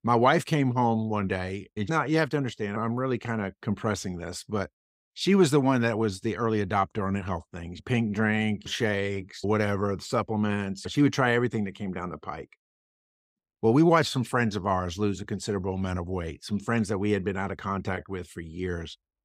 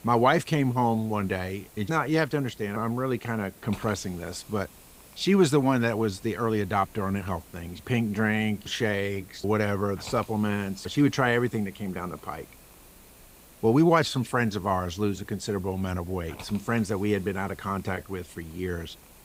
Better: first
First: none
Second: hiss; faint; throughout; 20 dB below the speech

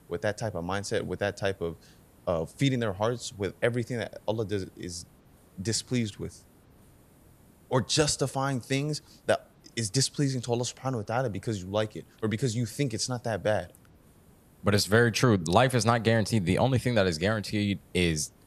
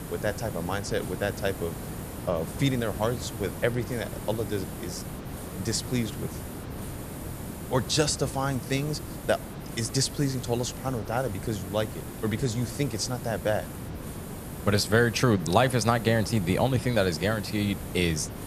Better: first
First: hiss; faint; throughout; 30 dB below the speech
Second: hiss; loud; throughout; 9 dB below the speech

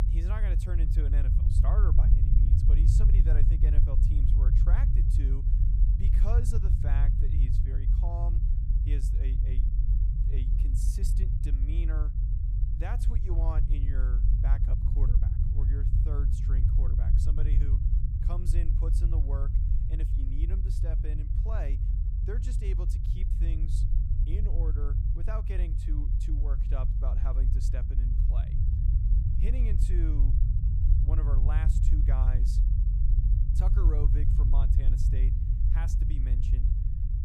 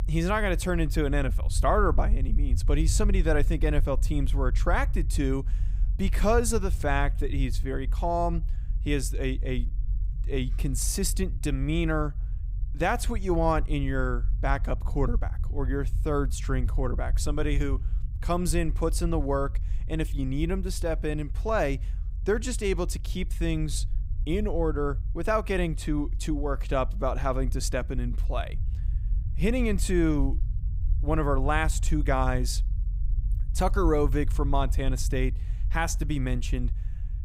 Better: second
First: low rumble; loud; throughout; as loud as the speech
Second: low rumble; faint; throughout; 20 dB below the speech

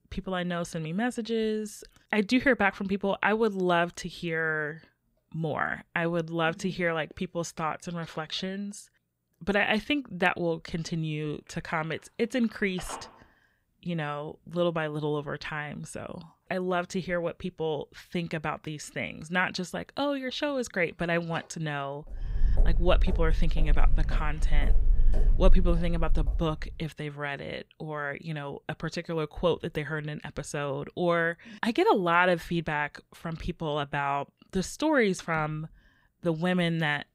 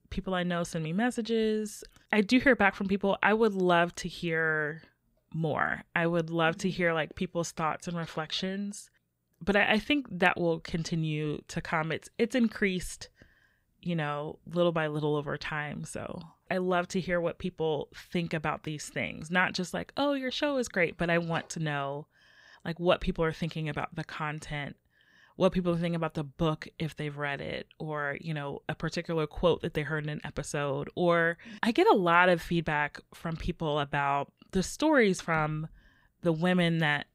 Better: second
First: phone ringing; faint; from 11 to 15 s; peak 10 dB below the speech // footsteps; loud; from 22 to 26 s; peak 3 dB above the speech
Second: none

